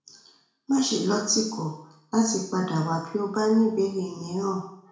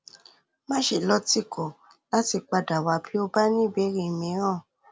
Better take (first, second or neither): second